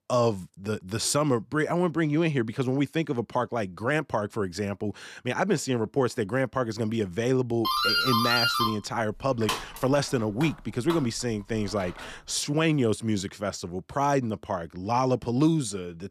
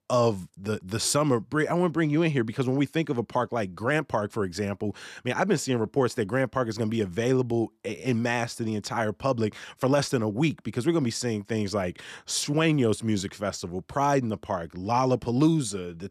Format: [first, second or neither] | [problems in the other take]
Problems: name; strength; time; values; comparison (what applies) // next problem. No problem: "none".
second | doorbell; loud; from 7.5 to 12 s; peak 5 dB above the speech